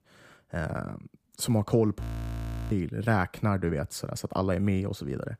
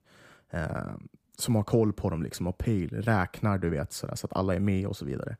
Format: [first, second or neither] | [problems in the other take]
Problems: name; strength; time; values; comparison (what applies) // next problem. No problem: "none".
second | audio freezing; at 2 s for 0.5 s